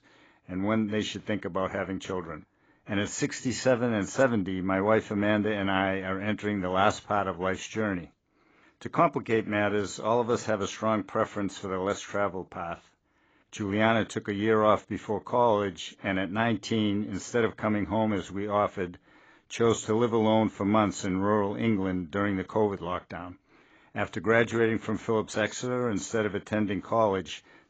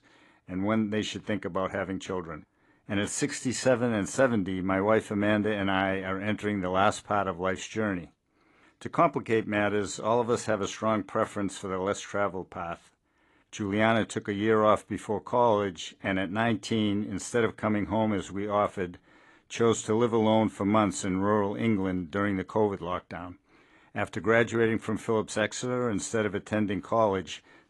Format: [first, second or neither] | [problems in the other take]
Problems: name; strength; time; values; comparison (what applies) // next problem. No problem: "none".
second | garbled, watery; badly; nothing above 7.5 kHz; slightly in the second